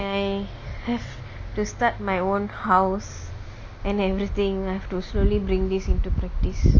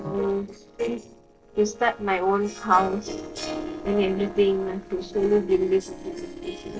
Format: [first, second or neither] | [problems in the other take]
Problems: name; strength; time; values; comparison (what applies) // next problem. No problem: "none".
first | noise reduction (neural separator model SepFormer DNS4)